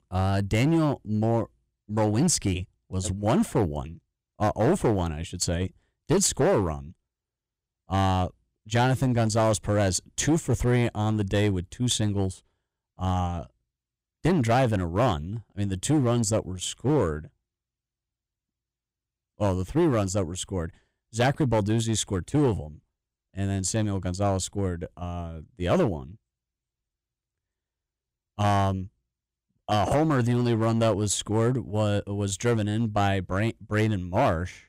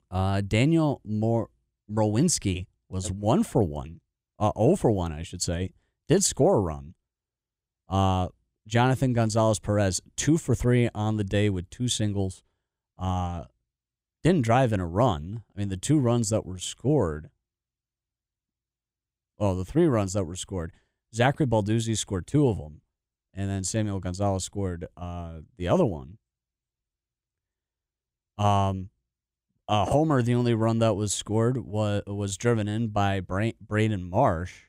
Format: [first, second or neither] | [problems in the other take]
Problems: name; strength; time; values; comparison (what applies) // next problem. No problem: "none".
second | distortion; slight; 5% of the sound clipped